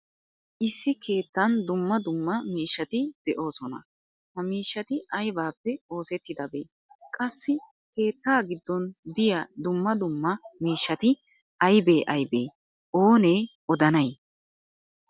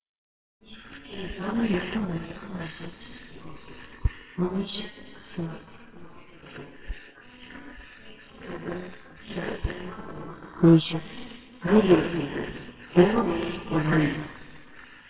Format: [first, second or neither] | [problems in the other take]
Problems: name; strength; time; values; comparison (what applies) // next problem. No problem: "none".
first | noise reduction (neural separator model SepFormer WHAMR!)